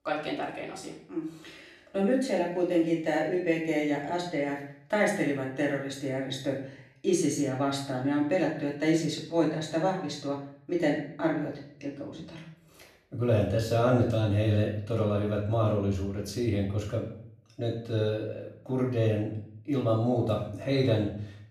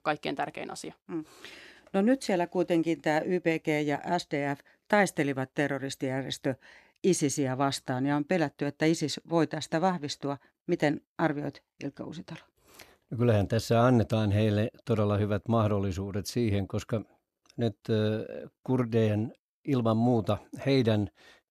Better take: second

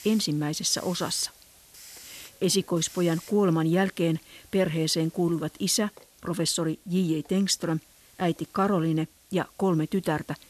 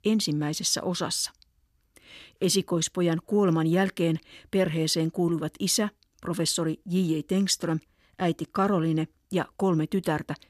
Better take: second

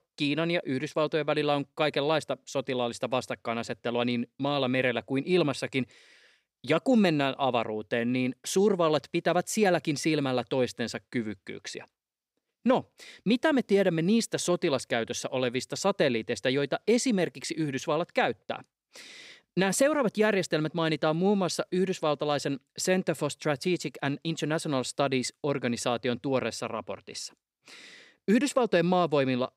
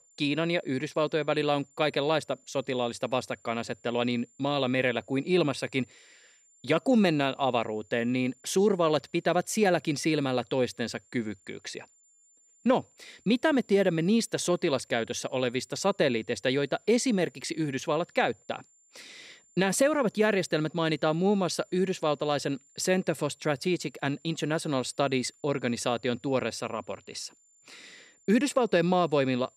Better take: first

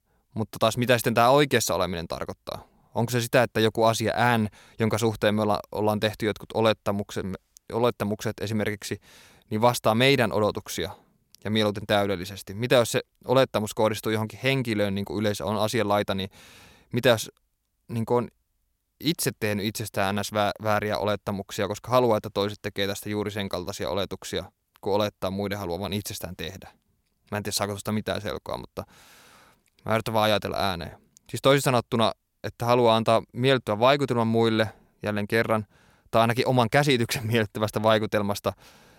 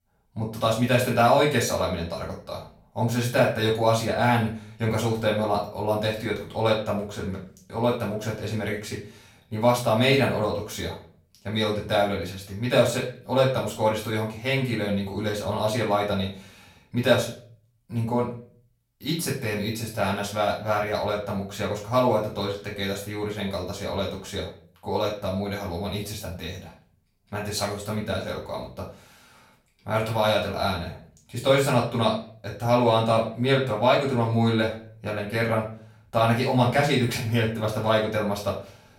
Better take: first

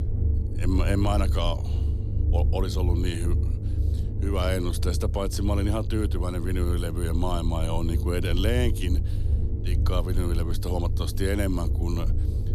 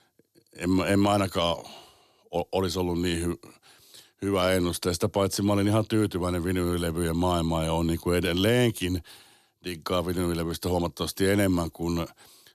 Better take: second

